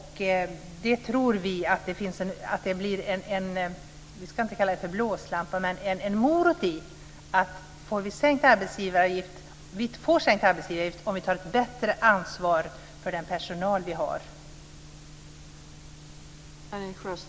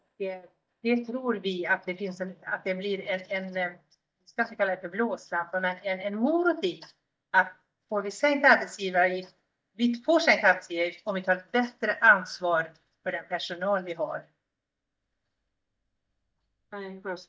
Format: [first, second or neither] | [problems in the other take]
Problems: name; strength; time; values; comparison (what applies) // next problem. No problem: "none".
first | noise reduction (neural mask model DeepFilterNet 3)